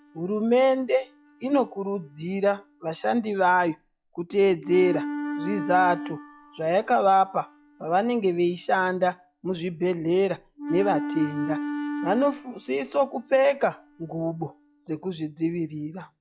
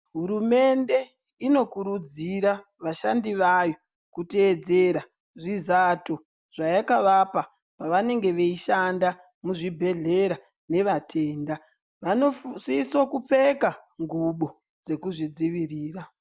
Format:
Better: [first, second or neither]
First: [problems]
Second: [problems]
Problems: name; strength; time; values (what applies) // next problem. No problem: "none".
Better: second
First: noise reduction (classical method log-MMSE)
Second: none